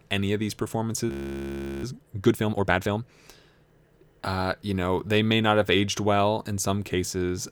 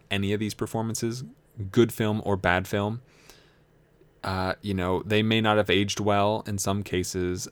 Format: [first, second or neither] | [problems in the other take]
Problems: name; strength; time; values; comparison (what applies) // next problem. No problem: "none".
second | audio freezing; at 1 s for 0.5 s